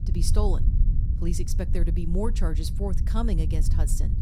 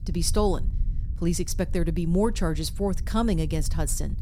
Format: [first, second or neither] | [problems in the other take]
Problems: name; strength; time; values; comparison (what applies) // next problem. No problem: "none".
second | low rumble; loud; throughout; 9 dB below the speech; faint in the second